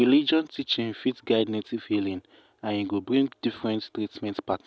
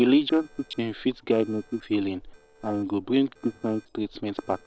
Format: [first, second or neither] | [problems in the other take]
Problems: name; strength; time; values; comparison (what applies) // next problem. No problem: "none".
first | noise reduction (neural separator model SepFormer DNS4)